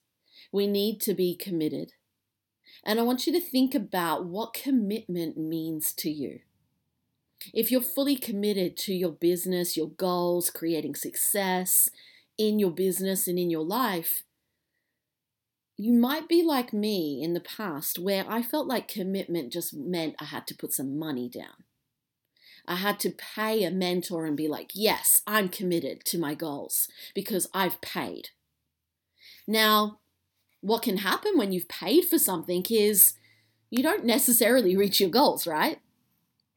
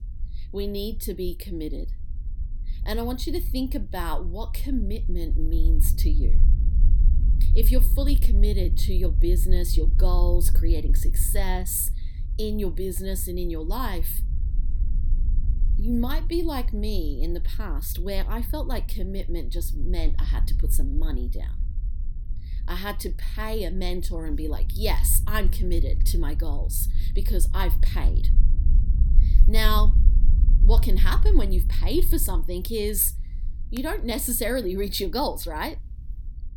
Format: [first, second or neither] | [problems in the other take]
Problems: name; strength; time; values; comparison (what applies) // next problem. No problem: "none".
first | low rumble; noticeable; throughout; 15 dB below the speech